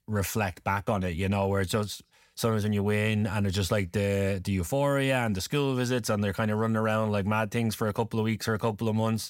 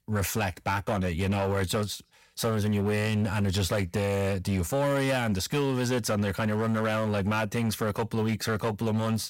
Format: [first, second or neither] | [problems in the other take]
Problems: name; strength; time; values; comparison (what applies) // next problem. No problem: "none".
first | distortion; slight; 11% of the sound clipped